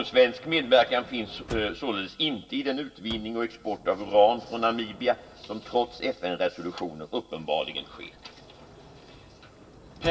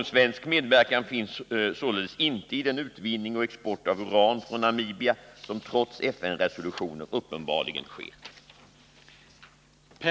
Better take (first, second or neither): second